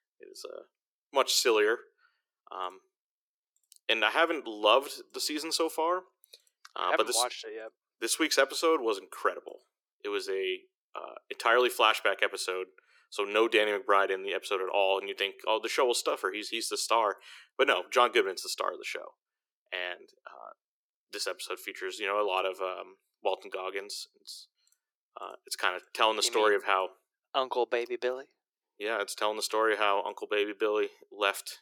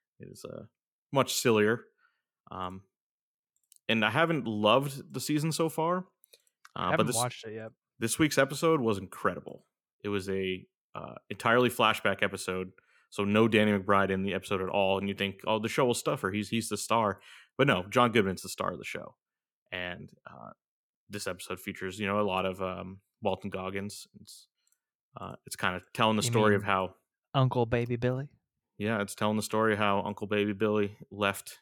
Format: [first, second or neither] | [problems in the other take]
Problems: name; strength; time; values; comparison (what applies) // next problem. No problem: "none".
second | thin; very; fading below 350 Hz